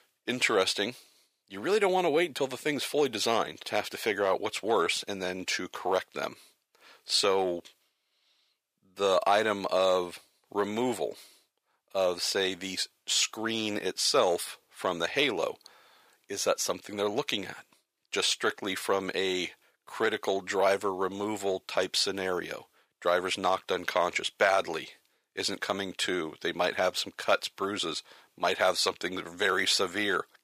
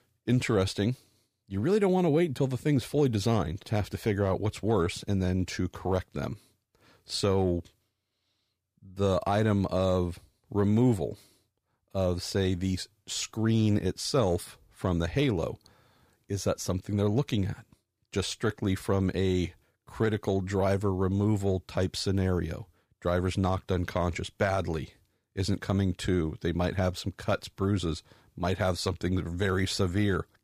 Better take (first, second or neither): second